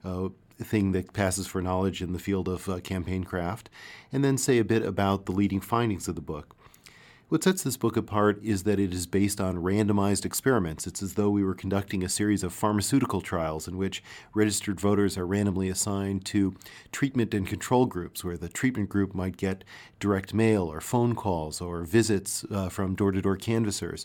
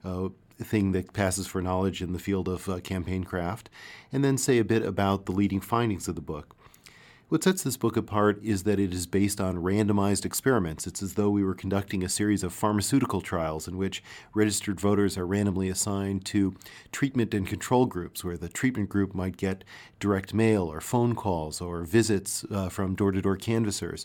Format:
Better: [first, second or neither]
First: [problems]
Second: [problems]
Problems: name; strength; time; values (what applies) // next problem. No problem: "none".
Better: neither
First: none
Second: none